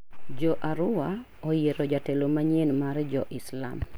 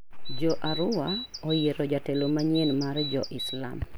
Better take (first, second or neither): first